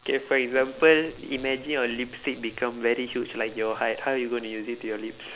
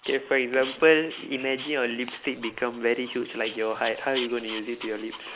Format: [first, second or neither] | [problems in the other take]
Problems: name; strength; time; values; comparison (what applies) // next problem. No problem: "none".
first | noise reduction (neural mask model Resemble Enhance denoiser)